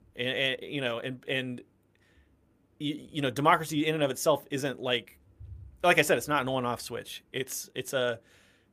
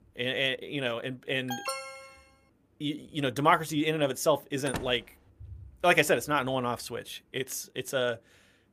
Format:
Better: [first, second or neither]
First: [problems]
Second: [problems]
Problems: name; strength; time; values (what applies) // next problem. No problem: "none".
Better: first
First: none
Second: alarm; noticeable; at 1.5 s; peak 6 dB below the speech // door banging; noticeable; at 4.5 s; peak 9 dB below the speech